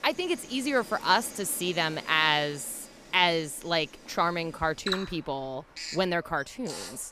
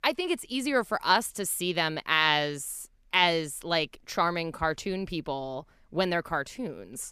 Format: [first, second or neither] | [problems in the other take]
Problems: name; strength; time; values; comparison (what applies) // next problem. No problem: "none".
second | animal sounds; noticeable; throughout; 15 dB below the speech